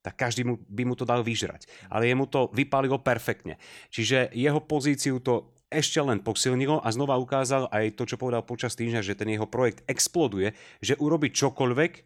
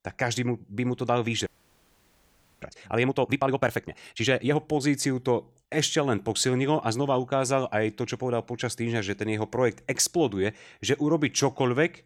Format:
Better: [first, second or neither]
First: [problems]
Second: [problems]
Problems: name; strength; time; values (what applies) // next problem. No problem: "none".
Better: first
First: none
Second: audio freezing; at 1.5 s for 1 s